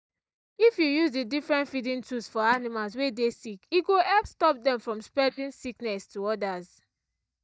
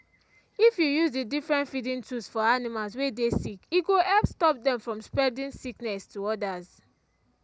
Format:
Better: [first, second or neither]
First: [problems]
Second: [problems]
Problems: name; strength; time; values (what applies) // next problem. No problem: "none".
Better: second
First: noise reduction (neural mask model DeepFilterNet 3)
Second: none